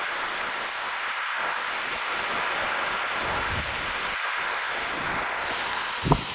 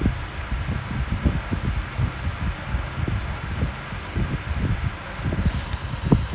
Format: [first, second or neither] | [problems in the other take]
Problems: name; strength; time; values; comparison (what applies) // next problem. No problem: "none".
second | noise reduction (neural mask model Resemble Enhance denoiser)